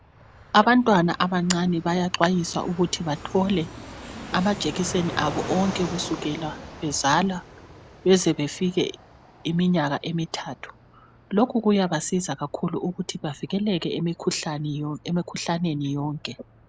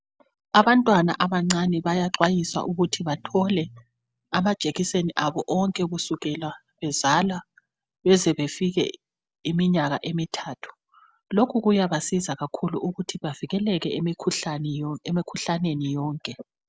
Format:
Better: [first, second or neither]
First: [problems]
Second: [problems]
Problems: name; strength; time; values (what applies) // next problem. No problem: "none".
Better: second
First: background sound (Fixed-wing aircraft, airplane); 16 dB below the speech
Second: none